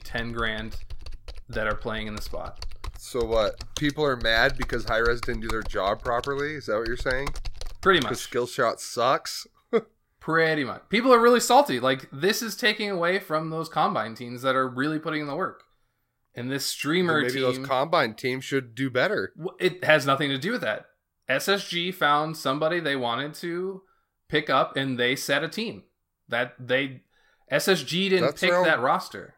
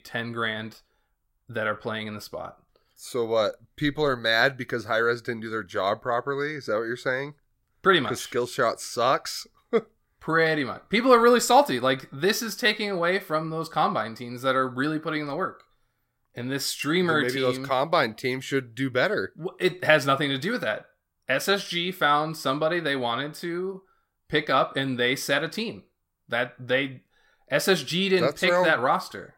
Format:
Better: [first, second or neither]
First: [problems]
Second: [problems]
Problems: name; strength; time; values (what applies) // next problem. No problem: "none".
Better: second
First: keyboard typing; faint; until 8 s; peak 10 dB below the speech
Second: none